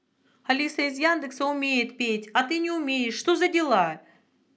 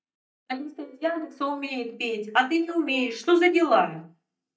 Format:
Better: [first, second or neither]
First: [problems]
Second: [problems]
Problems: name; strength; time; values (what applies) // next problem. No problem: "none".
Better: first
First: none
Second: noise reduction (neural mask model DeepFilterNet 3)